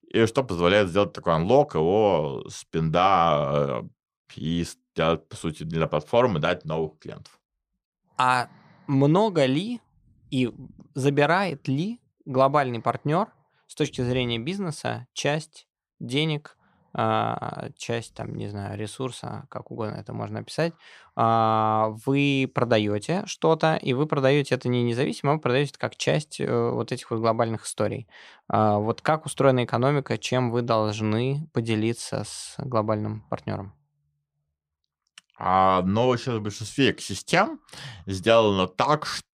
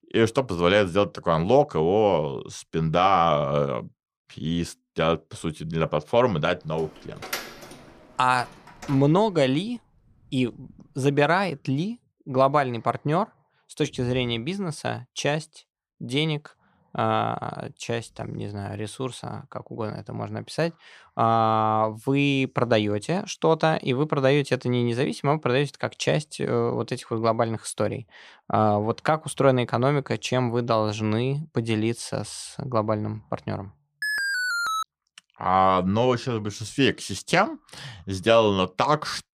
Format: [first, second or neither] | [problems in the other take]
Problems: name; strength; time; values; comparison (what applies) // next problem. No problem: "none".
first | door banging; noticeable; from 7 to 9 s; peak 8 dB below the speech // alarm; loud; at 34 s; peak level with the speech